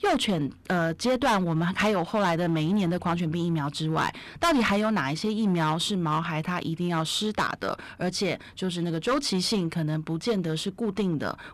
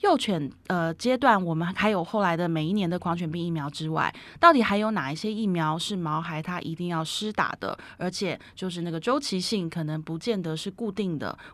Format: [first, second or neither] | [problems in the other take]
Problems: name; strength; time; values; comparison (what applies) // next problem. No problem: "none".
second | distortion; heavy; 9% of the sound clipped